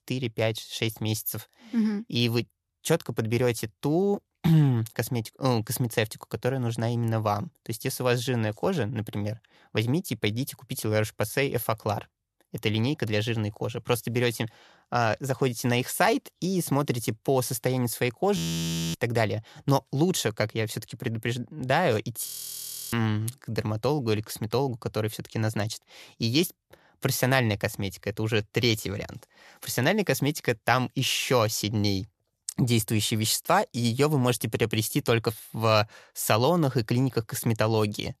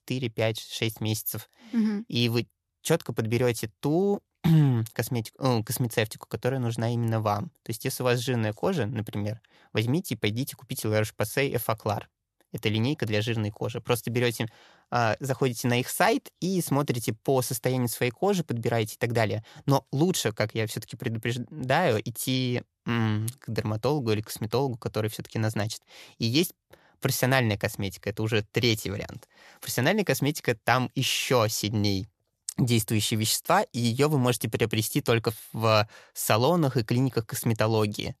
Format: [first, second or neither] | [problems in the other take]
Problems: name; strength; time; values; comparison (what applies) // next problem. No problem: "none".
second | audio freezing; at 18 s for 0.5 s and at 22 s for 0.5 s